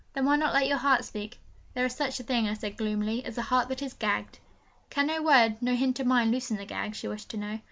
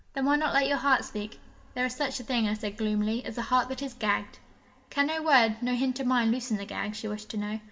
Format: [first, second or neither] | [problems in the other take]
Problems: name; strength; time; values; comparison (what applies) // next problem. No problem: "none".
first | room echo; dies away in 1.7 s